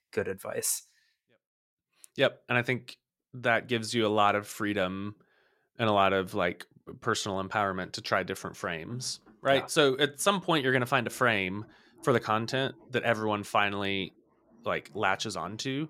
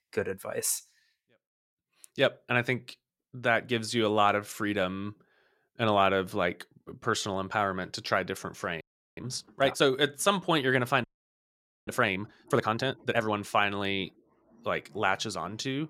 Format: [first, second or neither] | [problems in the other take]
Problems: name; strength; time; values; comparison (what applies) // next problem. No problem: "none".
first | audio freezing; at 9 s and at 11 s for 1 s